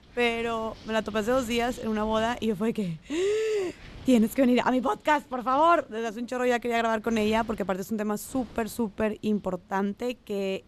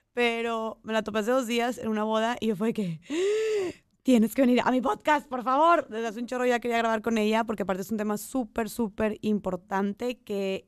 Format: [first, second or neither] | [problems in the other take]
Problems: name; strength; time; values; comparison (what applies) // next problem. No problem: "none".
second | wind noise on the microphone; occasional gusts; 25 dB below the speech